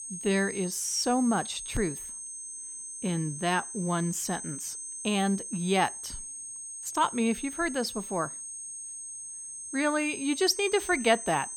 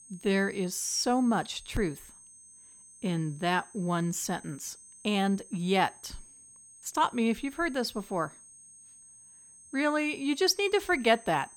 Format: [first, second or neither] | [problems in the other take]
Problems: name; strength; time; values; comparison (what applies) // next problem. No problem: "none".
second | high-pitched whine; loud; throughout; 8 kHz, 8 dB below the speech; faint in the second